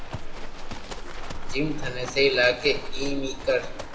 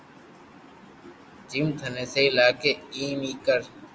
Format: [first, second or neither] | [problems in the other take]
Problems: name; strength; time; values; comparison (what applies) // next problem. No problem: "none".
second | background sound (Livestock, farm animals, working animals); 3 dB below the speech // room echo; dies away in 1.2 s